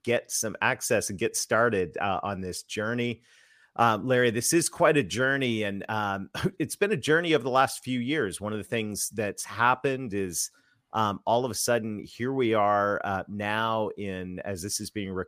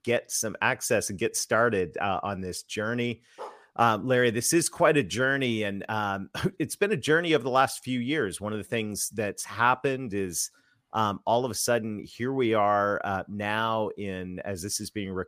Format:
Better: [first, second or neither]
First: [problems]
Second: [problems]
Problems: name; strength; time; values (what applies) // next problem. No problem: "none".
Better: first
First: none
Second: dog barking; faint; at 3.5 s; peak 15 dB below the speech